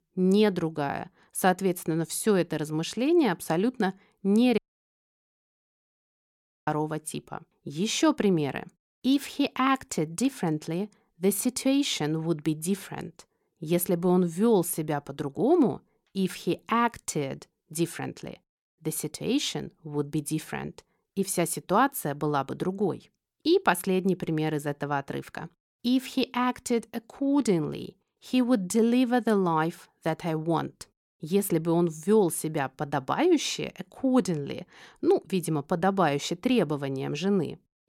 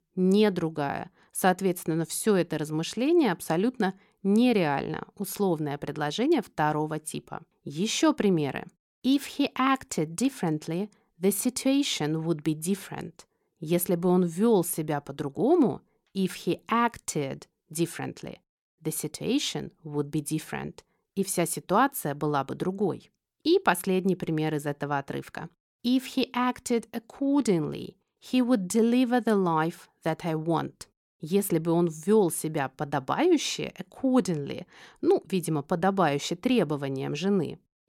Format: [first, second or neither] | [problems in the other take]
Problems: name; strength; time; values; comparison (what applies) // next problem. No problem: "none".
second | audio cutting out; at 4.5 s for 2 s